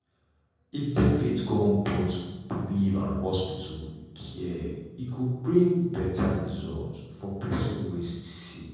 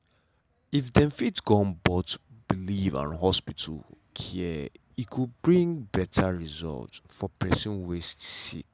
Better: second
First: room echo; dies away in 1.3 s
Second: none

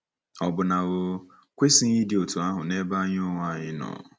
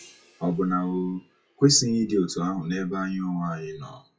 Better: first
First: none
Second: noise reduction (classical method WPE with log-MMSE)

